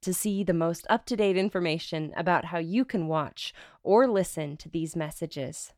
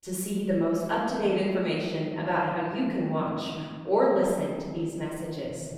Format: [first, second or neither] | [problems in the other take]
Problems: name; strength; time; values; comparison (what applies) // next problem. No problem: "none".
first | room echo; noticeable; dies away in 1.9 s // off-mic speech; far